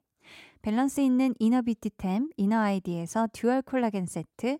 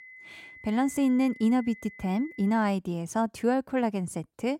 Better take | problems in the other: first | high-pitched whine; noticeable; until 2.5 s; 2 kHz, 20 dB below the speech

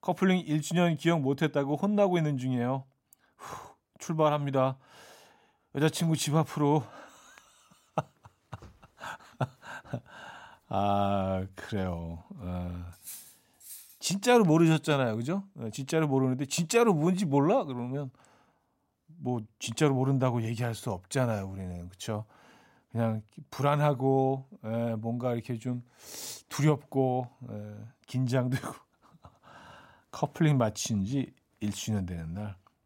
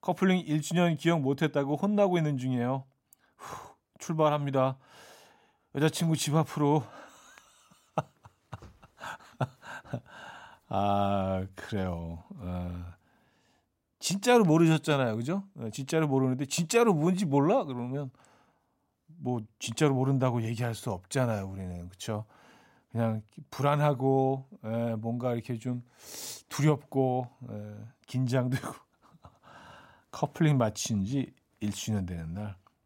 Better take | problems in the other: second | clattering dishes; faint; from 13 to 14 s; peak 15 dB below the speech

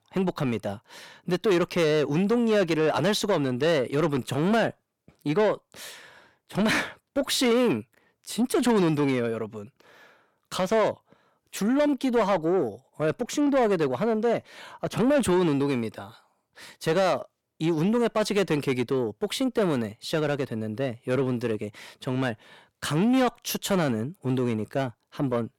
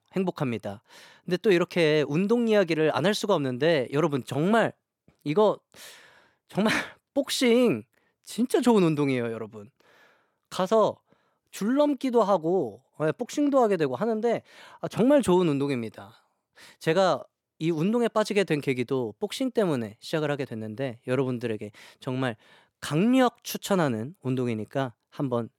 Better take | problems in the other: second | distortion; slight; 10 dB below the speech

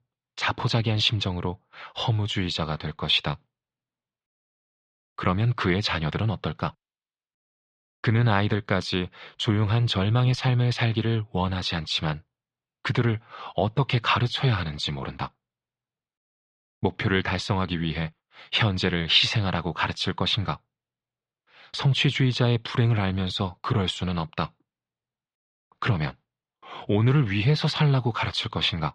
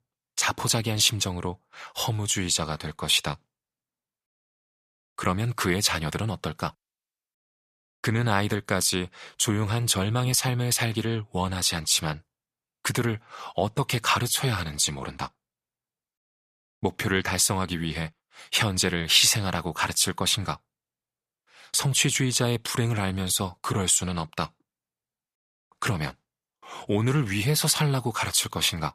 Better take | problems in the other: second | muffled; slightly; fading above 4 kHz

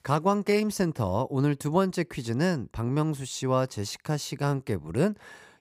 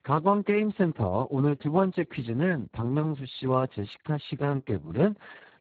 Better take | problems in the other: first | garbled, watery; badly; nothing above 4 kHz

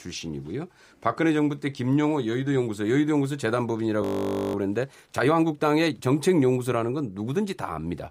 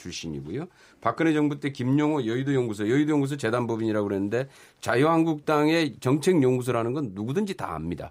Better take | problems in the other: second | audio freezing; at 4 s for 0.5 s

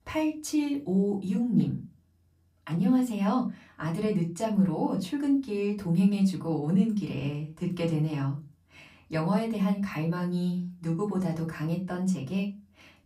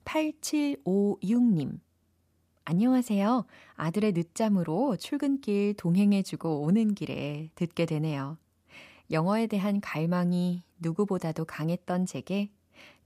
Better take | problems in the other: second | off-mic speech; far // room echo; very slight; dies away in 0.2 s

